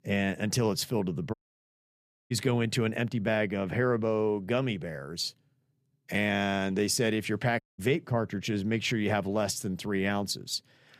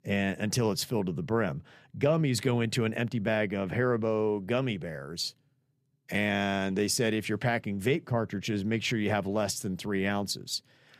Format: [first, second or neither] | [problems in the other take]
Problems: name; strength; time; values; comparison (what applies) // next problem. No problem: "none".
second | audio cutting out; at 1.5 s for 1 s and at 7.5 s